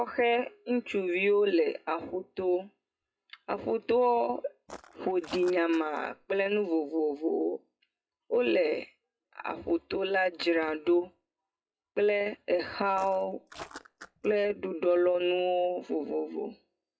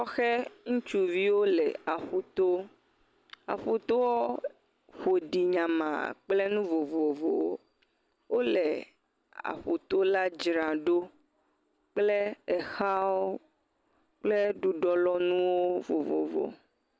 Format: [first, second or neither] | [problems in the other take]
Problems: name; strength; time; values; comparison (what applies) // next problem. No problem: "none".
second | noise reduction (classical method WPE with log-MMSE)